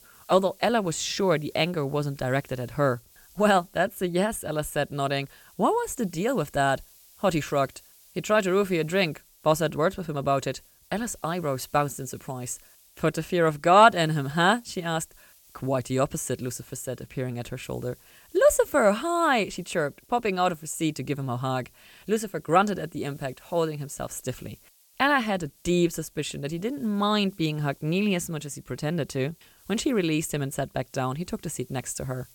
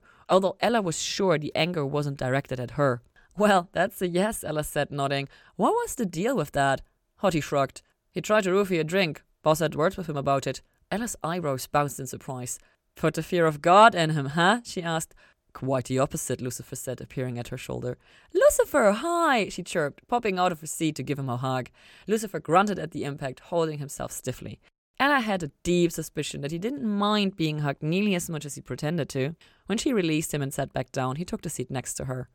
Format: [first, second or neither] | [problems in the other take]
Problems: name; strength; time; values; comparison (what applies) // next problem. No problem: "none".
second | hiss; faint; throughout; 30 dB below the speech